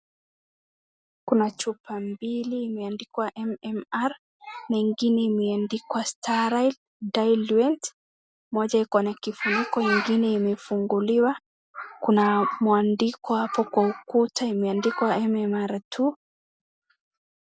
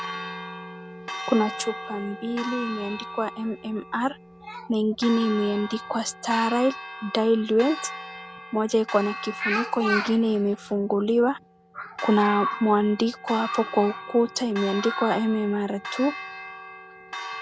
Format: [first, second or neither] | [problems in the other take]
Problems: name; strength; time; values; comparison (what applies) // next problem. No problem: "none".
first | background sound (Church bell); 12 dB below the speech